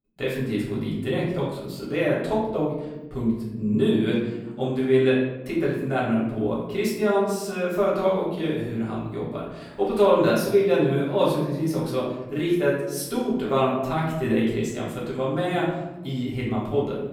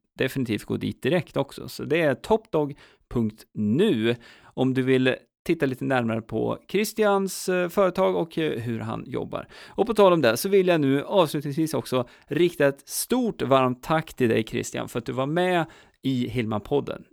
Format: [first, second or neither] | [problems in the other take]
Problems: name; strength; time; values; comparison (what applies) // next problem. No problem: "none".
second | room echo; noticeable; dies away in 1 s // off-mic speech; far